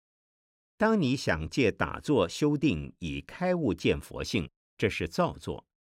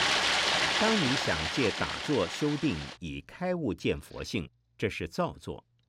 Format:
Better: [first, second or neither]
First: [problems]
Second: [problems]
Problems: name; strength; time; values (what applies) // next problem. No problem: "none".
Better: first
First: none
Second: rain or running water; very loud; throughout; 3 dB above the speech